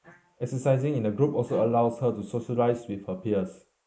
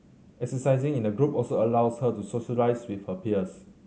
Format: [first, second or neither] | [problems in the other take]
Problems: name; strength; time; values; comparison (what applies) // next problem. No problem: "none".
second | noise reduction (neural mask model Resemble Enhance denoiser)